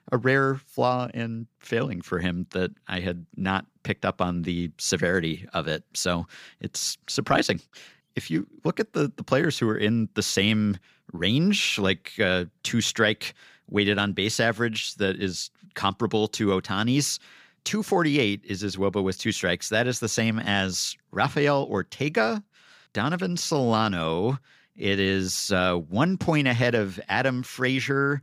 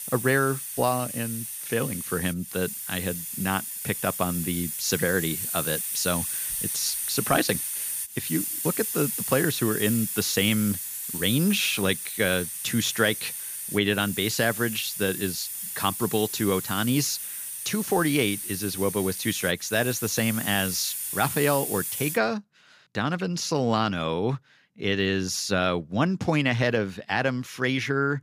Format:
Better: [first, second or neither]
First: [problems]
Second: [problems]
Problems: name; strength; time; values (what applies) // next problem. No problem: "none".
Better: first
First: none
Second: hiss; loud; until 22 s; 4 dB below the speech